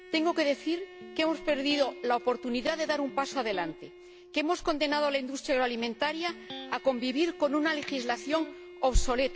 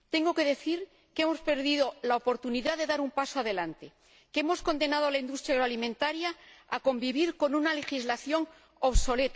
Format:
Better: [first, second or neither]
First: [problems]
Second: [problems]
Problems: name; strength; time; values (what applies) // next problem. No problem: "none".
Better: second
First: background sound (Electric guitar + Bowed string instrument); 16 dB below the speech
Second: none